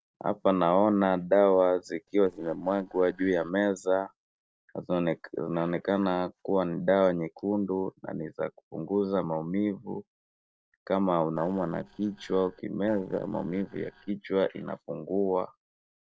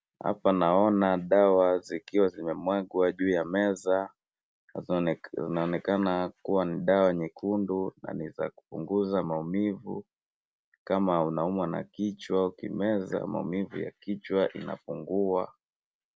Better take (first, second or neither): second